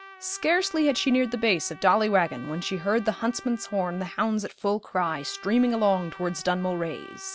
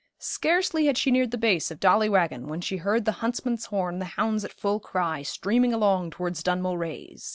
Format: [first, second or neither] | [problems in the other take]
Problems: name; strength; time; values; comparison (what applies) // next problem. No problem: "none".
second | background sound (Trumpet); 20 dB below the speech